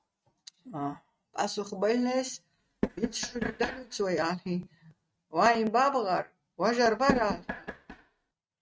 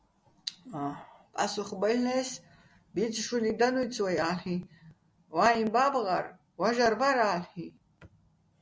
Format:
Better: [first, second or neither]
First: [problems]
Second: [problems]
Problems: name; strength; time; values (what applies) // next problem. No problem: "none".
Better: second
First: noise reduction (neural mask model RNNoise)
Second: none